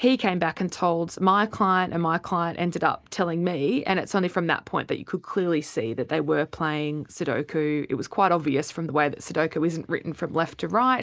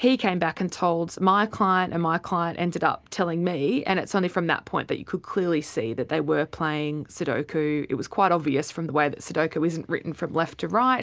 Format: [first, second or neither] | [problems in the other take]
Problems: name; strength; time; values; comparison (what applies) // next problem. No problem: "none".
second | noise reduction (neural mask model Resemble Enhance denoiser)